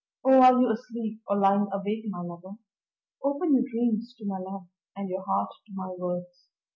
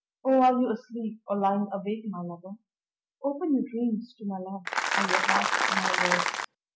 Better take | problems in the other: first | background sound (Applause); 3 dB above the speech

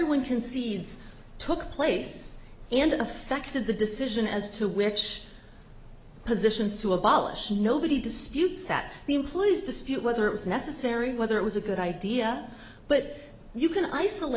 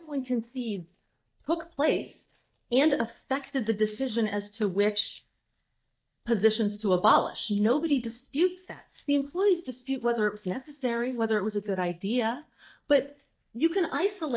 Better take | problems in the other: first | noise reduction (neural mask model DeepFilterNet 3)

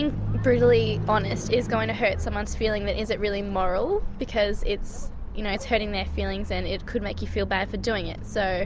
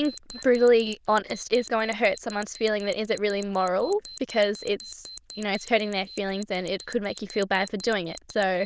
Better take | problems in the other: first | noise reduction (neural diffusion model UNIVERSE++)

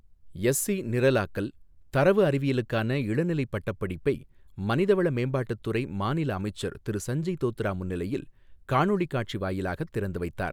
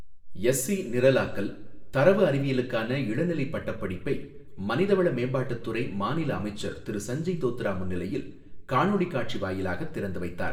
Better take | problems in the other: first | room echo; dies away in 0.6 s

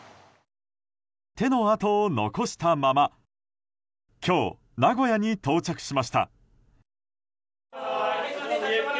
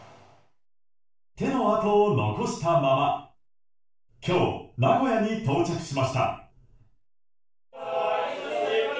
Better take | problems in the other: first | room echo; dies away in 0.4 s

